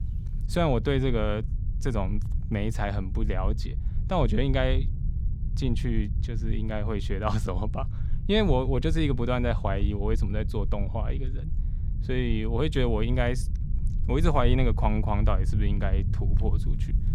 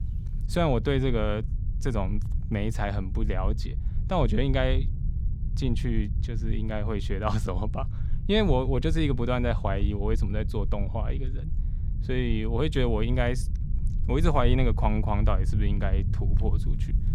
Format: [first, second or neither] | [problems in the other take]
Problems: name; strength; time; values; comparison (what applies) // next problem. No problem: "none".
neither | low rumble; noticeable; throughout; 15 dB below the speech; the same in both